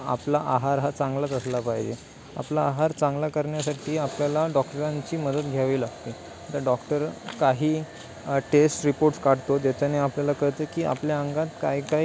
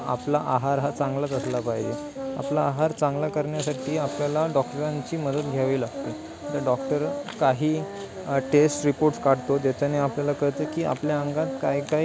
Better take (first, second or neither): first